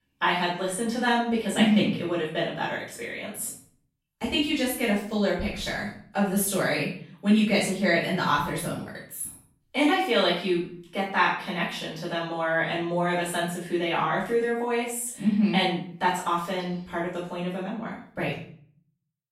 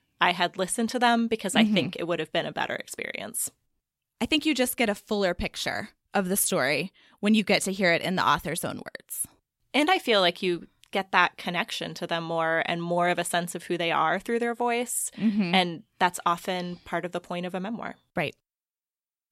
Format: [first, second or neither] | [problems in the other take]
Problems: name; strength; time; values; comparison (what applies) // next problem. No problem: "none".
second | off-mic speech; far // room echo; noticeable; dies away in 0.5 s